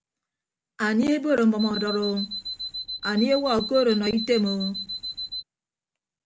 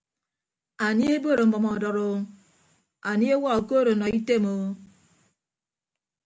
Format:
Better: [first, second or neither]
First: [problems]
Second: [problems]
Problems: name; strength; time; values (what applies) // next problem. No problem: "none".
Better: second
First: background sound (Alarm); 8 dB below the speech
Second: none